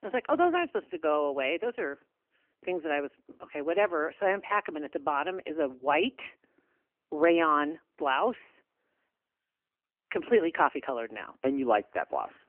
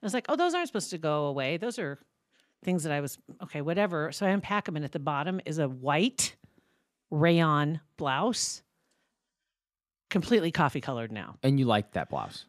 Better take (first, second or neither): second